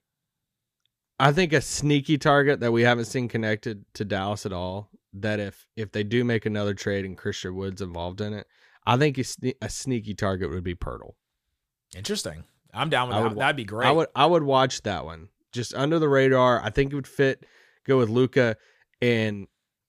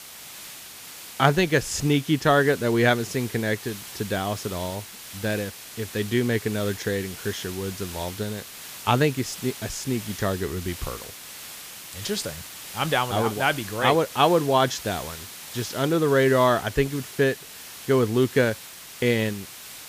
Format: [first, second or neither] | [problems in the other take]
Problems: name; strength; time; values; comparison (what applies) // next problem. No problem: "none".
first | hiss; noticeable; throughout; 15 dB below the speech